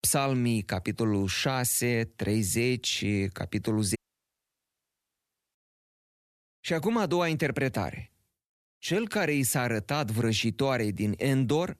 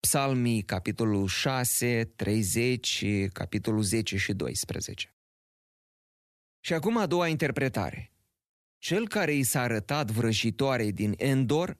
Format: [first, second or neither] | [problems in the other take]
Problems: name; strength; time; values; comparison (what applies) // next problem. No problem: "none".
second | audio cutting out; at 4 s for 1.5 s